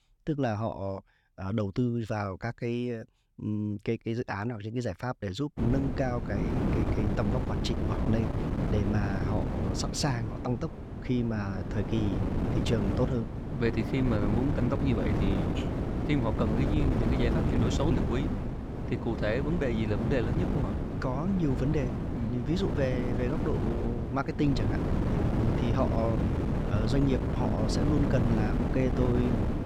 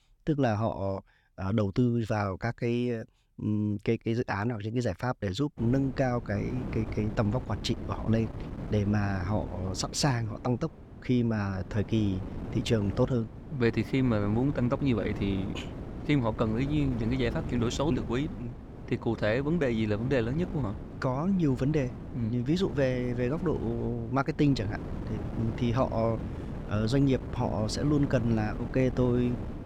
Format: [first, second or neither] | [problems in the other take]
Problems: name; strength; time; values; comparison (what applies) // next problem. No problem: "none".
second | wind noise on the microphone; heavy; from 5.5 s on; 2 dB below the speech; occasional gusts in the second